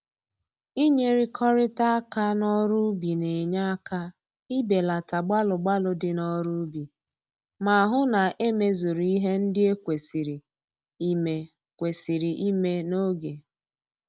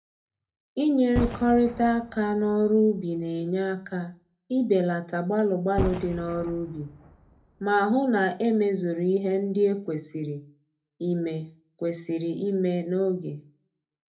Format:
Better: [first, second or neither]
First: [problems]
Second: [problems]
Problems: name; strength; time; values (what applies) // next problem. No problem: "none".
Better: first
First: none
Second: background sound (Boom); 12 dB below the speech // room echo; dies away in 0.3 s